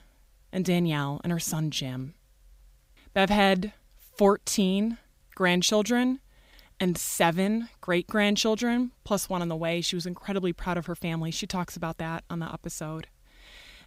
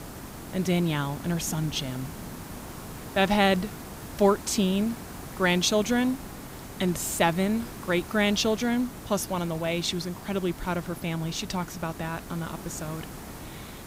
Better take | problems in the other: first | hiss; noticeable; throughout; 15 dB below the speech

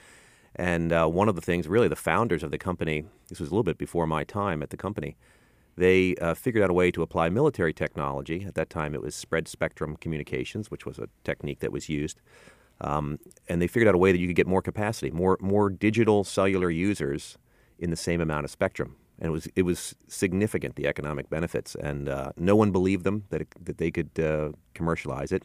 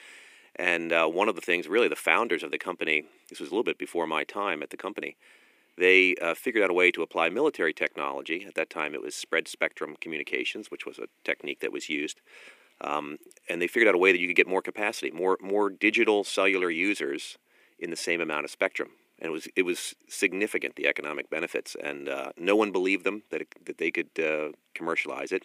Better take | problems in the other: first | thin; somewhat; fading below 300 Hz

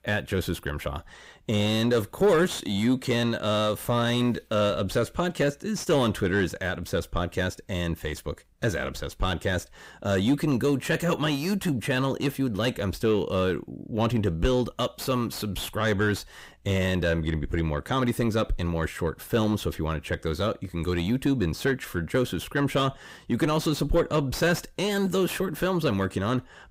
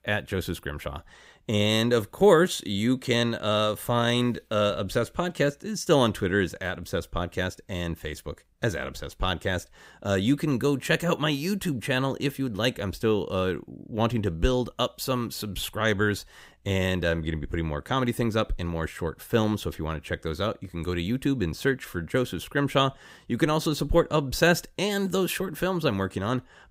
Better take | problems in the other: second | distortion; slight; 10 dB below the speech

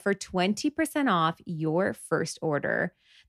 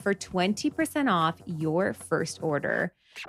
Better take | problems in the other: first | background music; faint; throughout; 20 dB below the speech

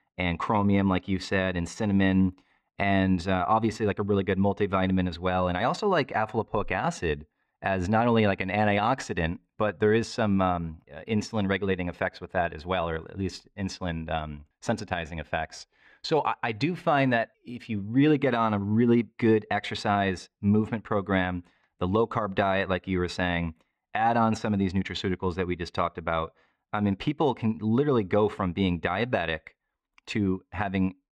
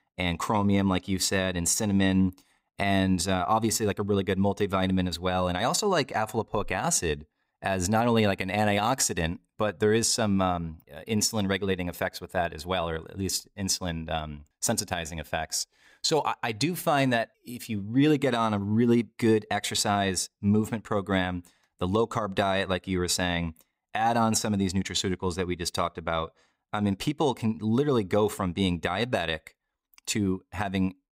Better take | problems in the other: second | muffled; slightly; fading above 2.5 kHz

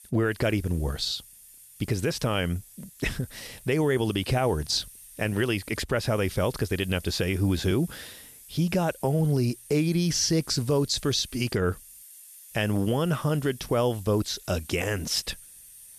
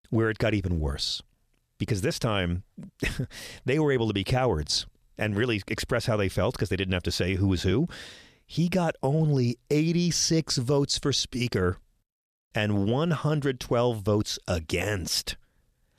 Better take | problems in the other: second | hiss; noticeable; throughout; 20 dB below the speech

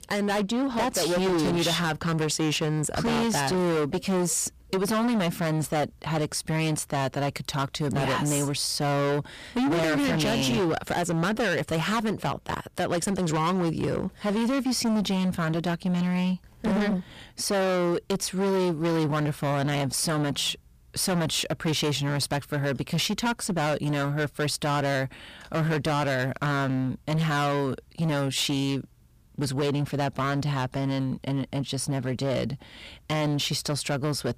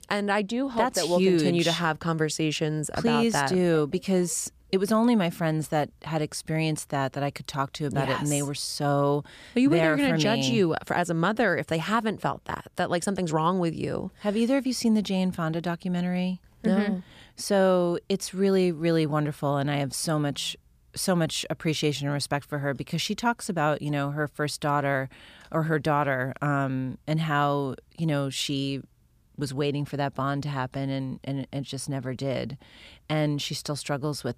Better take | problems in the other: second | distortion; heavy; 24% of the sound clipped

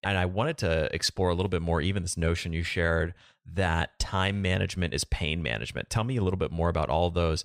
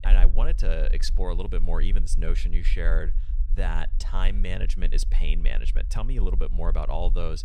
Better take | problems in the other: first | low rumble; noticeable; throughout; 20 dB below the speech

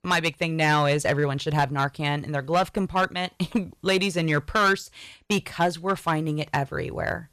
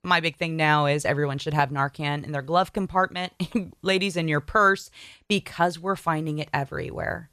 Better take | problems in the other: second | distortion; slight; 4% of the sound clipped

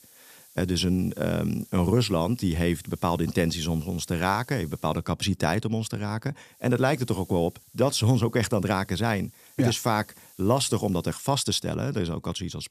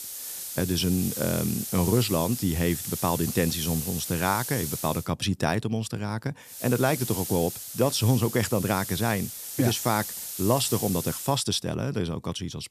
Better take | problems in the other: first | hiss; loud; until 5 s and from 6.5 to 11 s; 6 dB below the speech; faint in the first

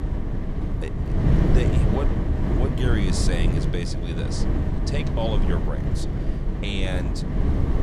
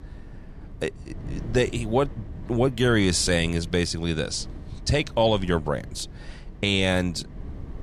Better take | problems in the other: second | wind noise on the microphone; heavy; as loud as the speech; occasional gusts in the second

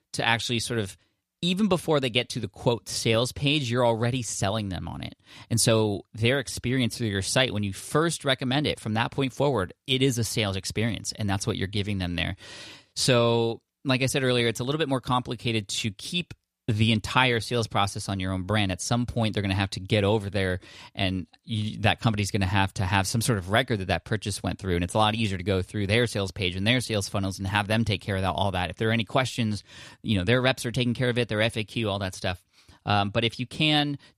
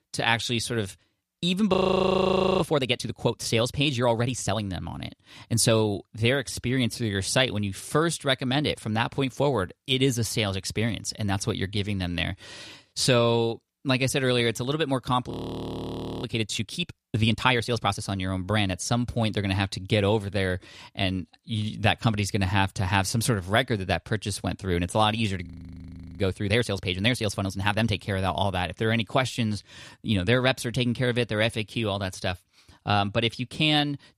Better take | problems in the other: first | audio freezing; at 1.5 s for 1 s, at 15 s for 1 s and at 25 s for 0.5 s

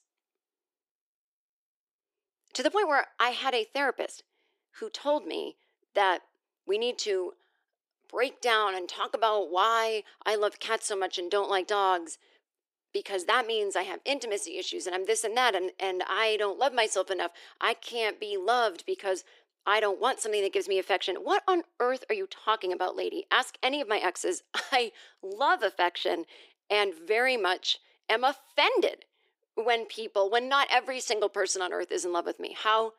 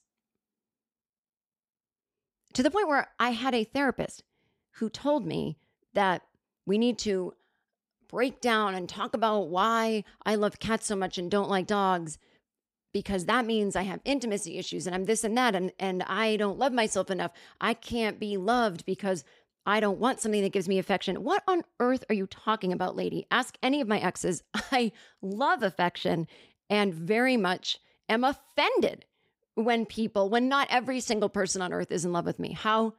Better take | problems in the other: second | thin; very; fading below 350 Hz

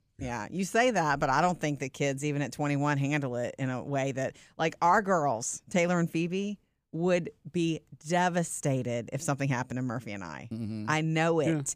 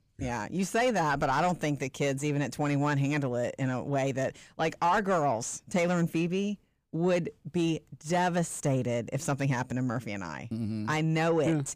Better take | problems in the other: first | distortion; slight; 10 dB below the speech

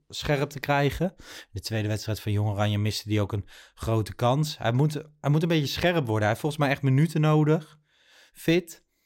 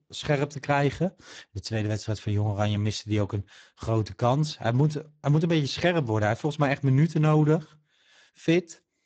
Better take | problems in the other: first | garbled, watery; badly; nothing above 7.5 kHz

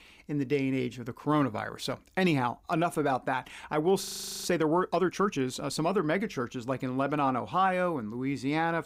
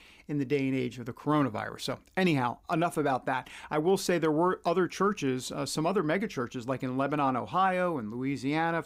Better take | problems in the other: second | audio freezing; at 4 s

